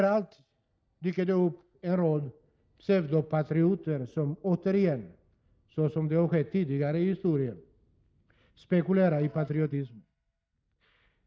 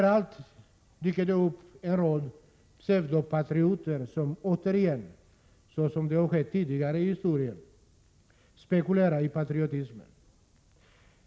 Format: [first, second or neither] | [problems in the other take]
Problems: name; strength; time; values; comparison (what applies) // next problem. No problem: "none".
second | noise reduction (neural mask model DeepFilterNet 3)